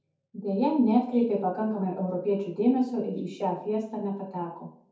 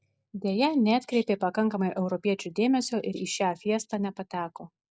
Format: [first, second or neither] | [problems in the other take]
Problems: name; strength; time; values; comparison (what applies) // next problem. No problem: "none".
second | room echo; dies away in 0.6 s